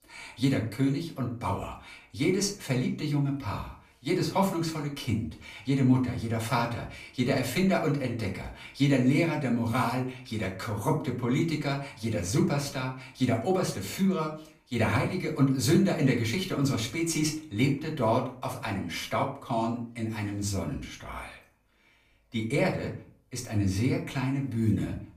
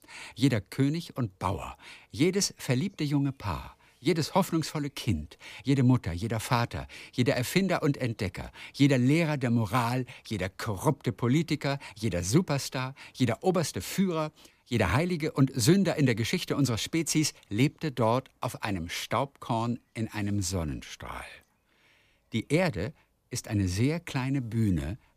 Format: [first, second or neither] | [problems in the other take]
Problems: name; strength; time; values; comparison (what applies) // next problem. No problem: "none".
second | room echo; slight; dies away in 0.4 s // off-mic speech; far